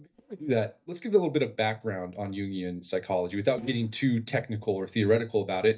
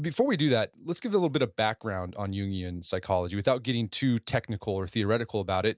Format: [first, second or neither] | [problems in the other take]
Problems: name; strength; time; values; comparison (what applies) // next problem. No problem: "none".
second | noise reduction (neural mask model DeepFilterNet 3)